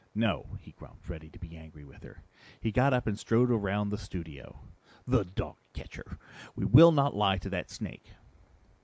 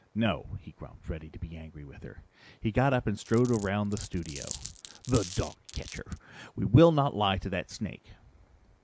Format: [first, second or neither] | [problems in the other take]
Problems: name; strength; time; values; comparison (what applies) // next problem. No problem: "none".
first | background sound (Glass); 15 dB below the speech